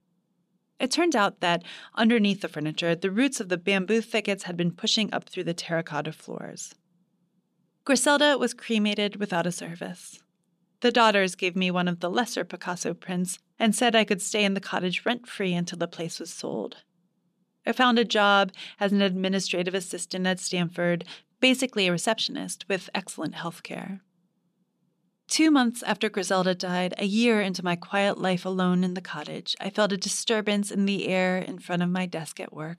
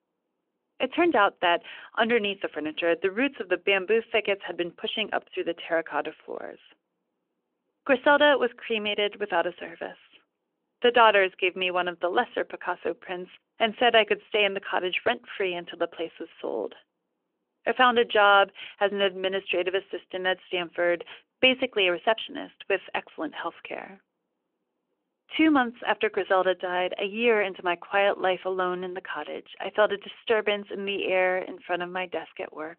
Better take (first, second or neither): first